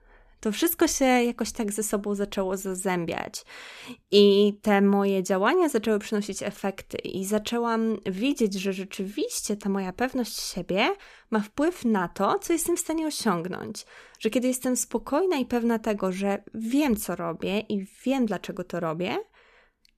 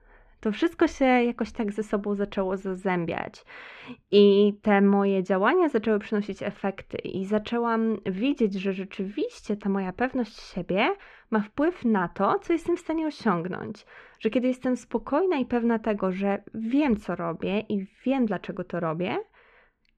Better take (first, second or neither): first